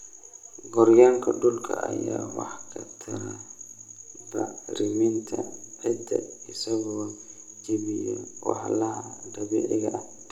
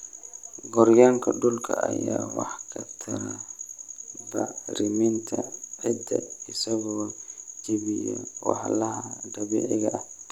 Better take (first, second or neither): second